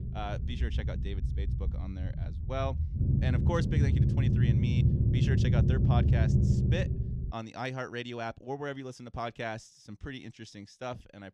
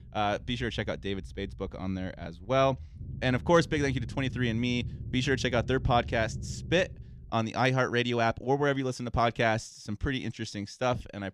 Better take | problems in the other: second | low rumble; loud; until 7.5 s; 1 dB below the speech; faint in the second

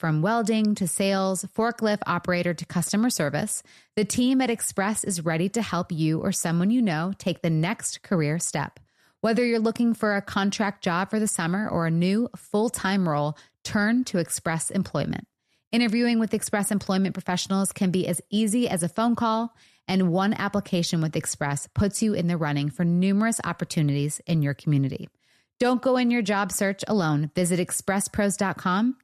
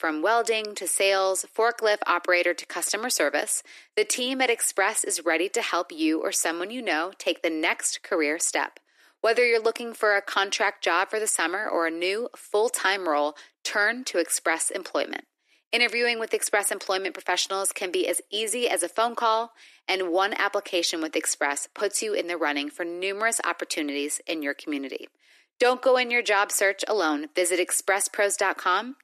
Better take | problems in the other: first | thin; very; fading below 300 Hz

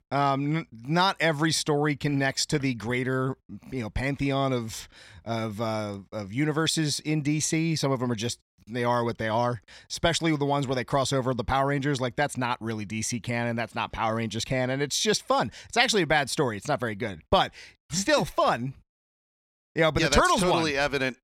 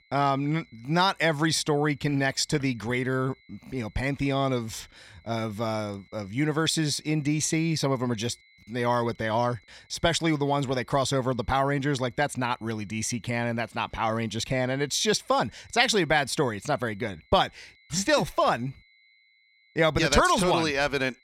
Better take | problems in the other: first | high-pitched whine; faint; throughout; 2 kHz, 35 dB below the speech

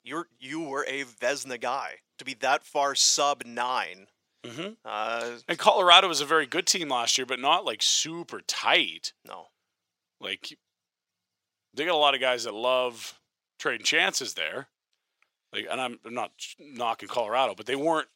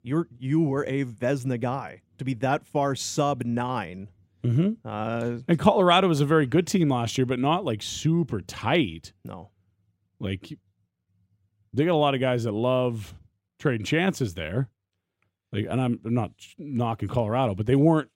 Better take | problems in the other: second | thin; very; fading below 700 Hz

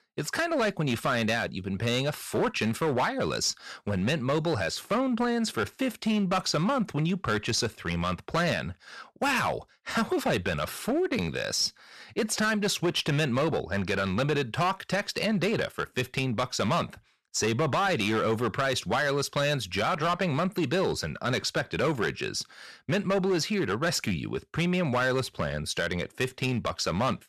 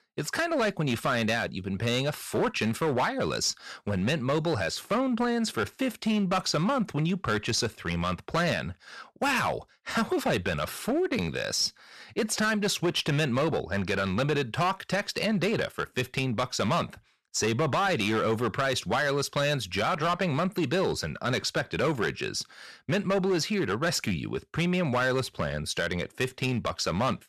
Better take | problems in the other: neither | distortion; slight; 9% of the sound clipped; the same in both

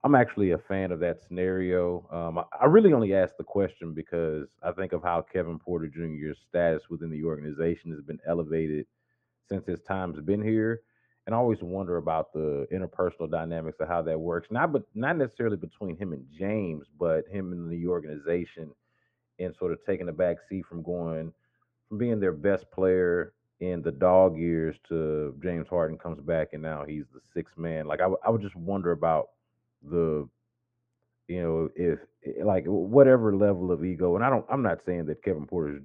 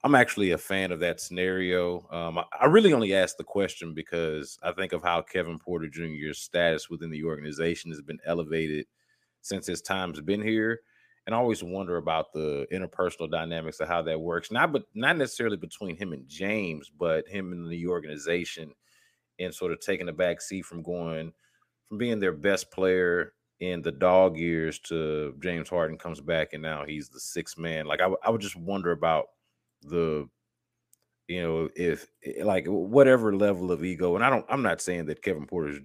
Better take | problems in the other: second | muffled; very; fading above 1 kHz

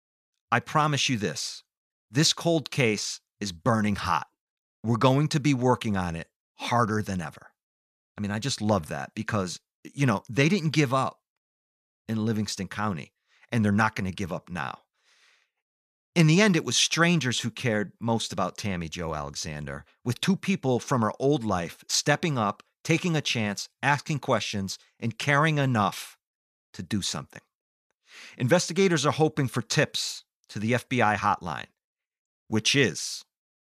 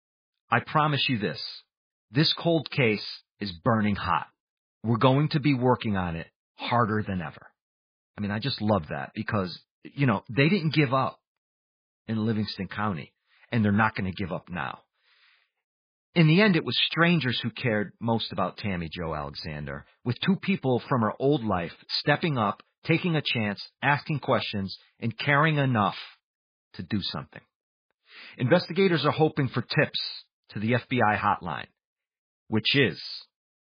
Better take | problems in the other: first | garbled, watery; badly; nothing above 4 kHz

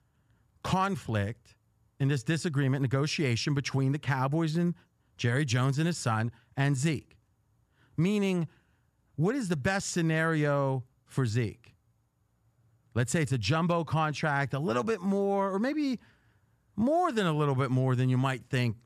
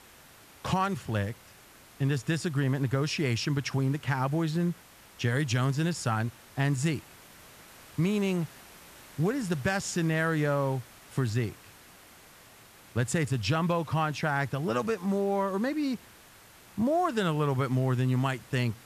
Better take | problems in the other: first | hiss; faint; throughout; 20 dB below the speech

